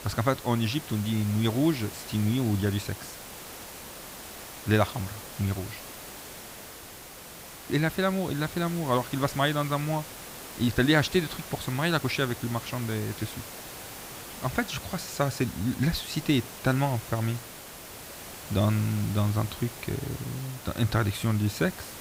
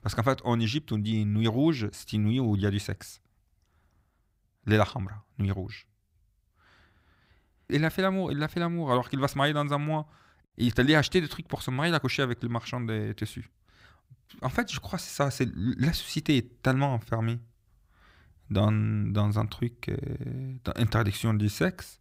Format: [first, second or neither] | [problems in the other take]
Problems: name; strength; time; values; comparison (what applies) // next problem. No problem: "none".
second | hiss; noticeable; throughout; 10 dB below the speech